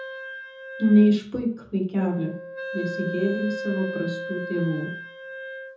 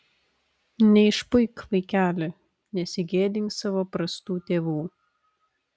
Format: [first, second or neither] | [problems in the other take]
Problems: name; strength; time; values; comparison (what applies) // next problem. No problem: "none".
second | background sound (Wind instrument, woodwind instrument); 10 dB below the speech // room echo; dies away in 0.5 s